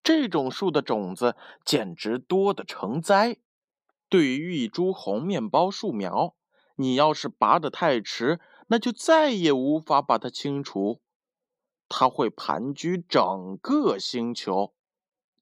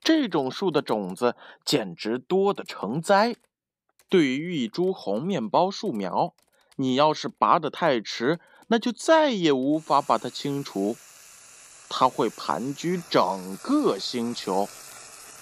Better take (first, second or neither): first